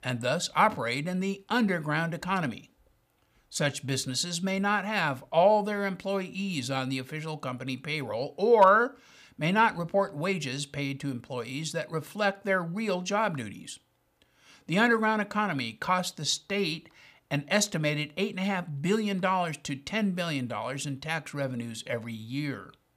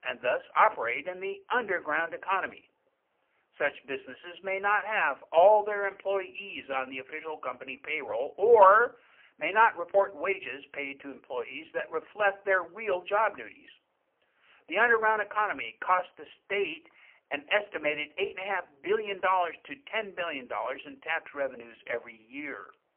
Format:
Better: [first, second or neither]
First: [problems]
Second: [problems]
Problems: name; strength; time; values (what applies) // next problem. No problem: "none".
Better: first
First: none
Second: phone-call audio; poor line; nothing above 3 kHz